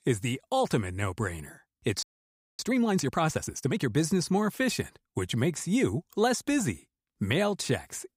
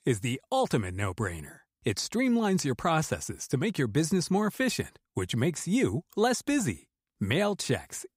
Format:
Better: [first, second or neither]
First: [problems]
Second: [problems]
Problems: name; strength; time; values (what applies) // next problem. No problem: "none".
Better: second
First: audio freezing; at 2 s for 0.5 s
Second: none